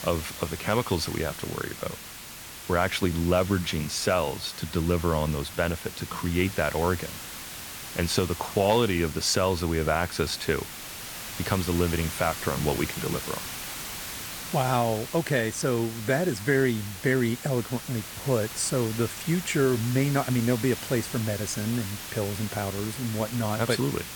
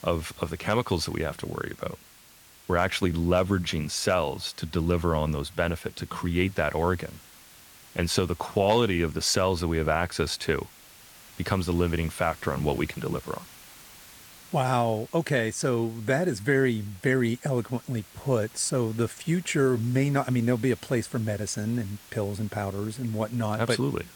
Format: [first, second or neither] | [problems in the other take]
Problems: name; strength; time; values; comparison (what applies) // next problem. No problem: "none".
second | hiss; loud; throughout; 9 dB below the speech; faint in the second